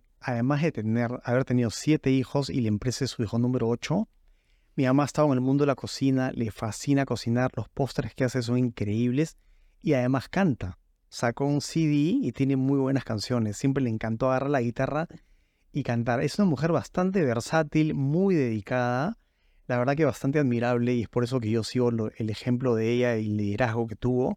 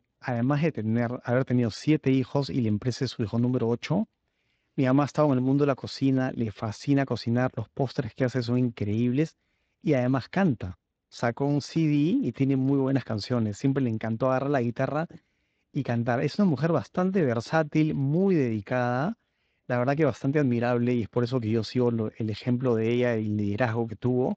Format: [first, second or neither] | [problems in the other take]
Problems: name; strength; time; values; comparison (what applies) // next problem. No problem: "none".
first | garbled, watery; slightly; nothing above 7.5 kHz